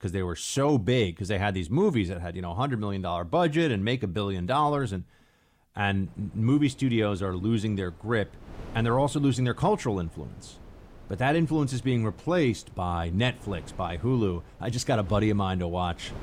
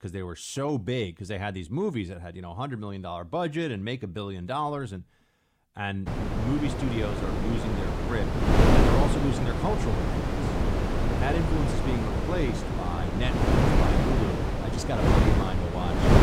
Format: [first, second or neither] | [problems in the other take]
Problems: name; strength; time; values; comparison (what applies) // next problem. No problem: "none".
first | wind noise on the microphone; heavy; from 6 s on; 3 dB above the speech; occasional gusts in the first